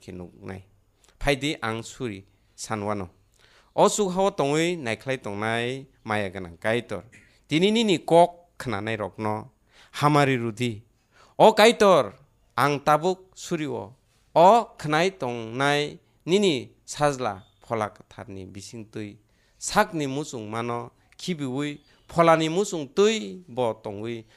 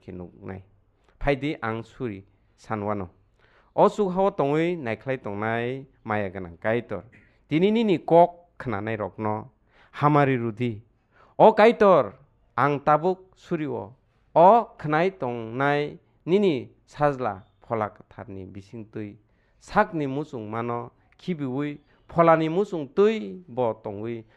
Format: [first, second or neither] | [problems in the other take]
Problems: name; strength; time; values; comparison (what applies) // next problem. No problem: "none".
first | muffled; very; fading above 4 kHz